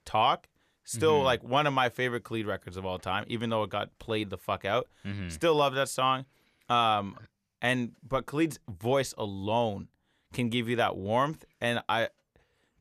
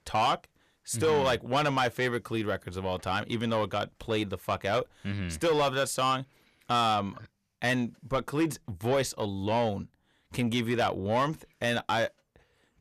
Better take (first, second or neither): first